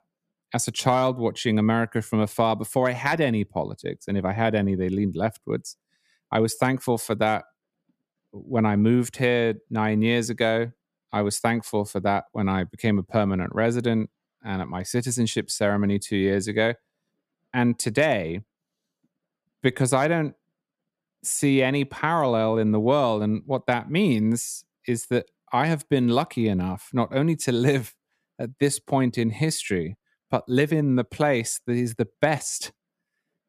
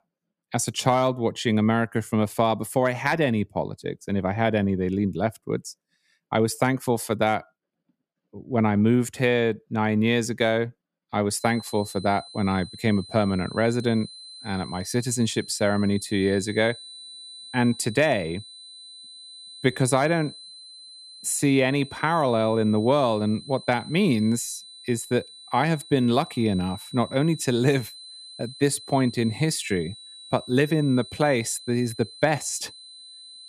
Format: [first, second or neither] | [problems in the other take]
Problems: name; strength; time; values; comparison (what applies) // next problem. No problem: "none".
first | high-pitched whine; noticeable; from 11 s on; 4 kHz, 15 dB below the speech